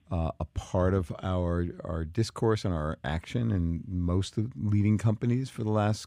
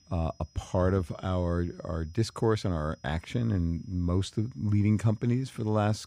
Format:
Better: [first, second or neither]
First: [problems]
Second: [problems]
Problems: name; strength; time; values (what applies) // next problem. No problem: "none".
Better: first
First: none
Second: high-pitched whine; faint; throughout; 5 kHz, 30 dB below the speech